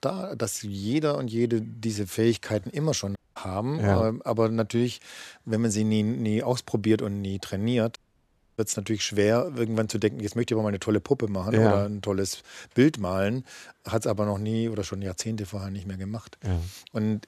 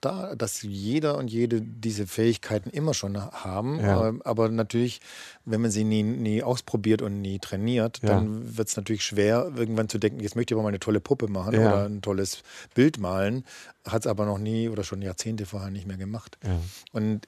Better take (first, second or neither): second